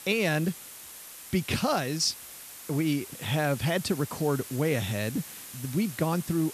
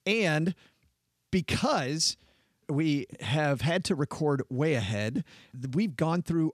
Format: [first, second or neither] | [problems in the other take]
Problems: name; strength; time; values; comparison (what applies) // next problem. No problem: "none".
second | hiss; noticeable; throughout; 10 dB below the speech